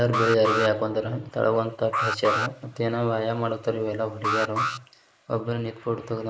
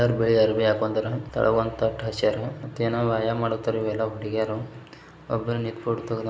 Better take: second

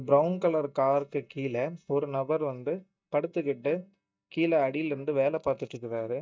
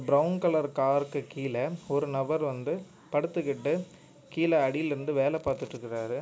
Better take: second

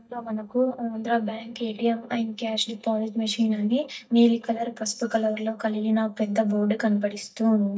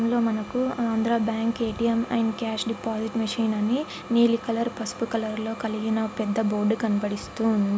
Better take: second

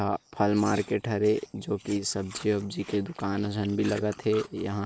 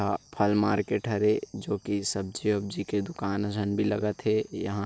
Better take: second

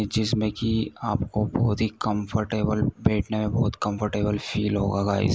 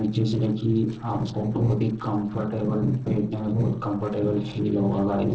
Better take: first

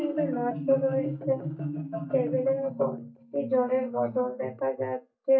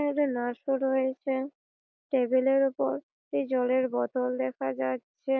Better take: second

